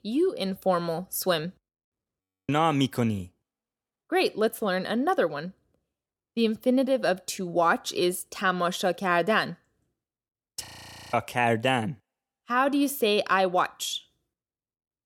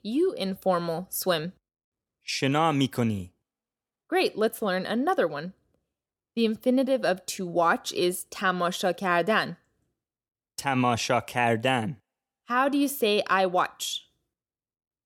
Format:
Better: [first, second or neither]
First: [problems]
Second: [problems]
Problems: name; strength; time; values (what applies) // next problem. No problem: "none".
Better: second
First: audio freezing; at 2 s and at 11 s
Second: none